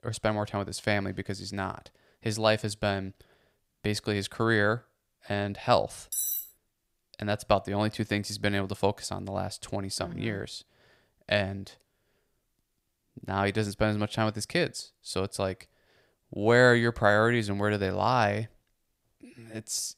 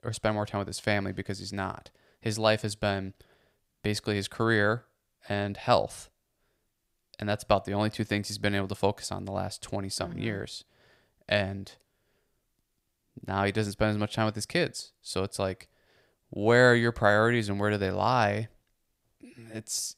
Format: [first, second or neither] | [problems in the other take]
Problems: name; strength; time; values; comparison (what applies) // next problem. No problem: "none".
second | clattering dishes; noticeable; at 6 s; peak level with the speech